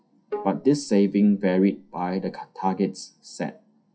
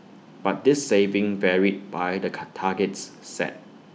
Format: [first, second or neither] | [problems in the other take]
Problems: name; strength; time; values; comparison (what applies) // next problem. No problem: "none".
second | noise reduction (classical method WPE with log-MMSE)